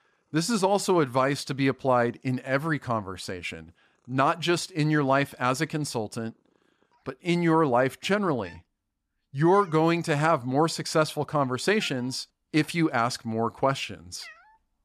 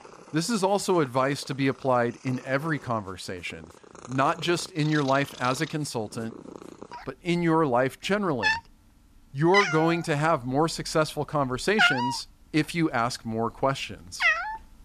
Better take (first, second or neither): first